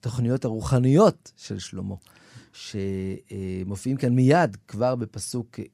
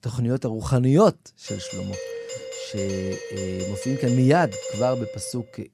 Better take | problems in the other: first | doorbell; noticeable; from 1.5 s on; peak 7 dB below the speech

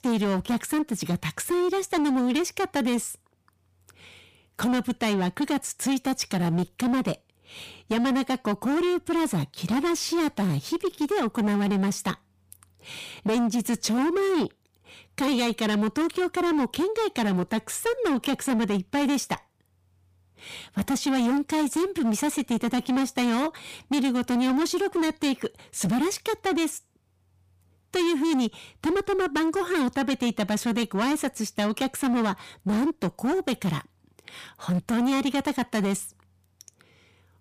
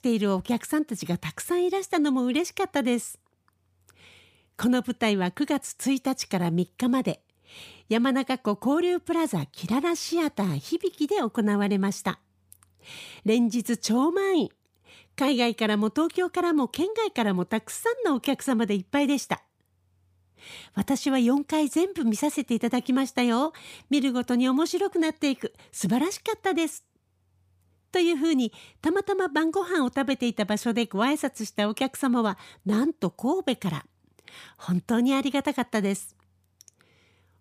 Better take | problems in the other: second | distortion; slight; 21% of the sound clipped

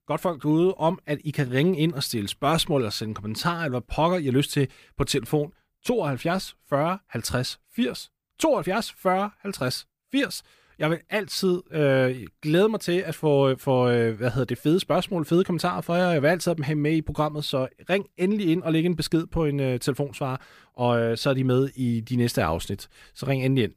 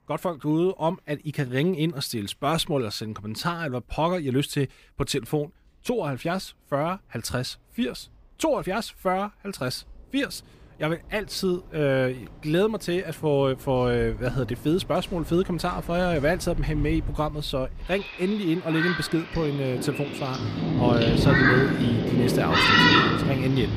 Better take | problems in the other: first | rain or running water; very loud; throughout; 3 dB above the speech

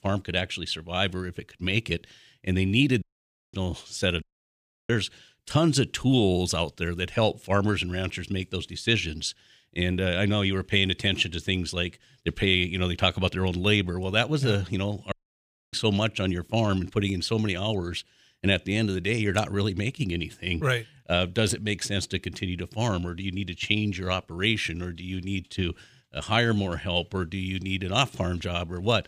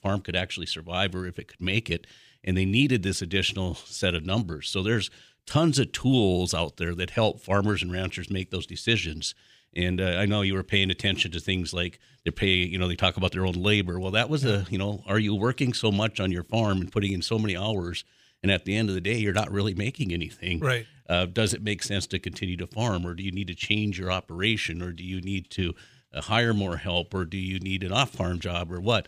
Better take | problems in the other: second | audio cutting out; at 3 s for 0.5 s, at 4 s for 0.5 s and at 15 s for 0.5 s

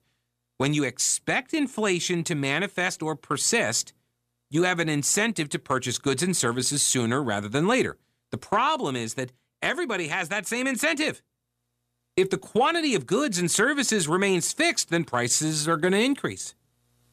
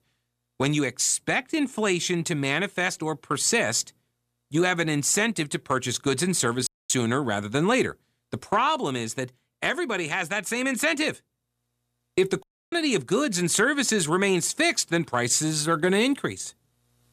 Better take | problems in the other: first | audio cutting out; at 6.5 s and at 12 s

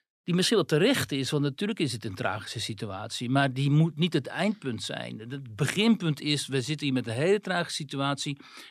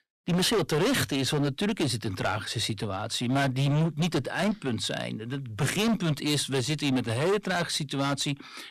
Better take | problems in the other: first | distortion; heavy; 16% of the sound clipped

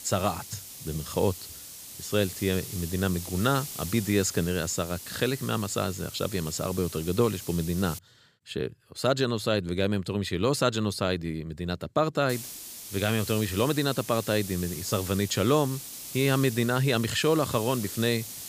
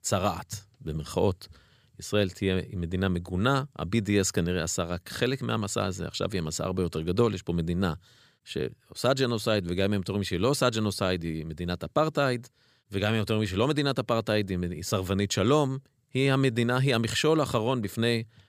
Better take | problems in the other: second | hiss; noticeable; until 8 s and from 12 s on; 10 dB below the speech

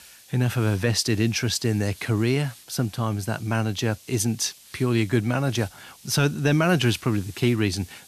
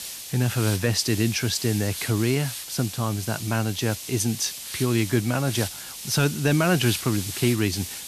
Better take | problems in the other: first | hiss; loud; throughout; 8 dB below the speech; faint in the first

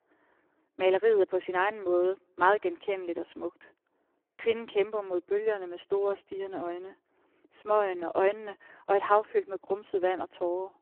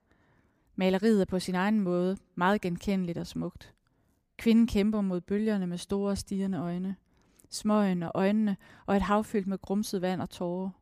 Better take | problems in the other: second | phone-call audio; poor line

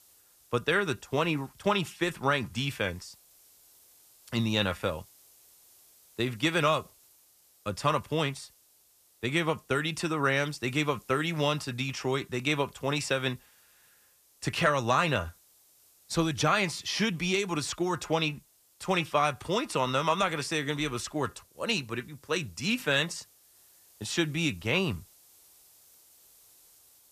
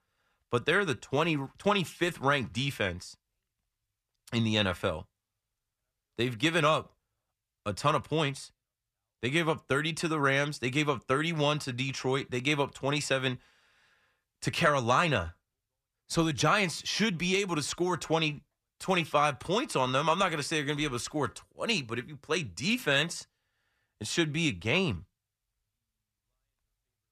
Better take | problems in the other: second | hiss; faint; throughout; 30 dB below the speech

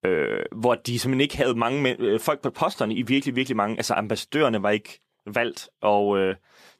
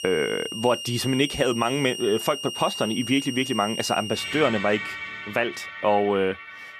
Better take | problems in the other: first | background music; loud; throughout; 7 dB below the speech

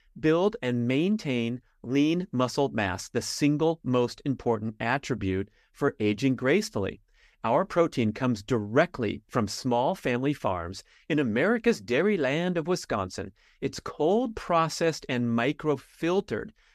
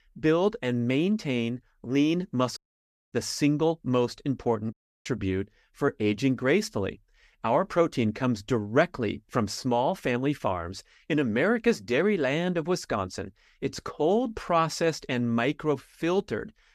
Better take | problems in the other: first | audio cutting out; at 2.5 s for 0.5 s and at 4.5 s

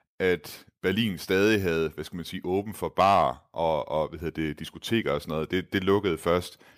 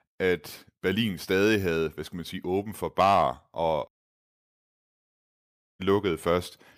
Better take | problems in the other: first | audio cutting out; at 4 s for 2 s

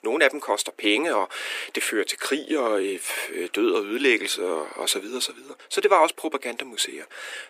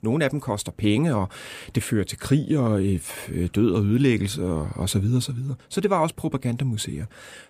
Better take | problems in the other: second | thin; very; fading below 350 Hz

